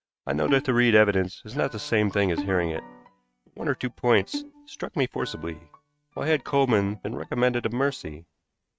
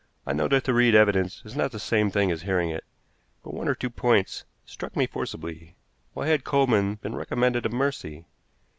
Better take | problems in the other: second | noise reduction (neural mask model RNNoise)

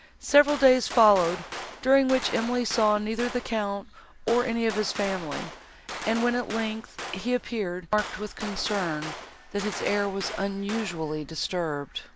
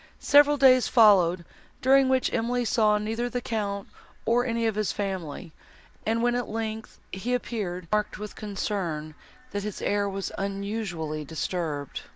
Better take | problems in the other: second | background sound (Gunshot, gunfire); 12 dB below the speech

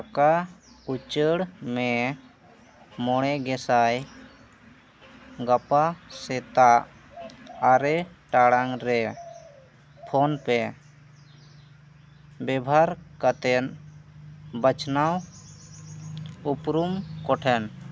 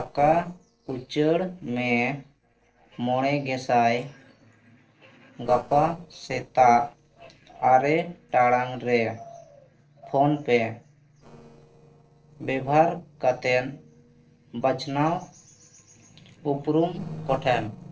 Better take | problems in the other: first | noise reduction (neural separator model SepFormer DNS4)

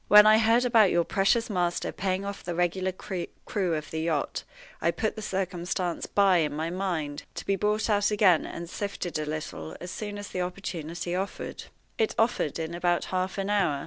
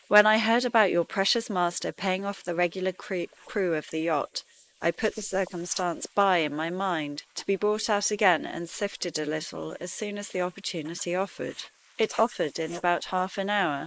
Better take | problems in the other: first | noise reduction (neural mask model Resemble Enhance denoiser)

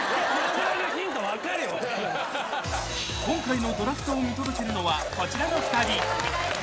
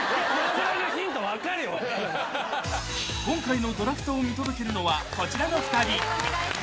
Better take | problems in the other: second | background sound (Domestic sounds, home sounds); 8 dB below the speech

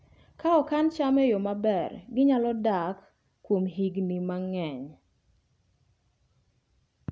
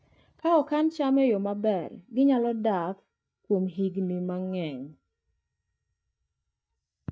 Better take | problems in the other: first | noise reduction (neural mask model DeepFilterNet 3)

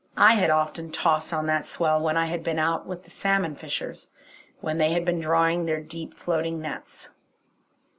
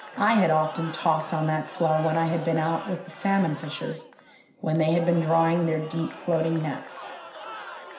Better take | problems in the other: first | background sound (Crowd / Cheering); 15 dB below the speech // room echo; dies away in 0.5 s

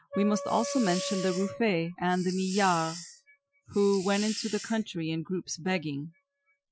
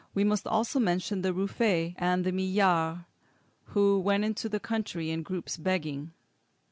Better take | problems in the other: second | noise reduction (classical method Wiener filter)

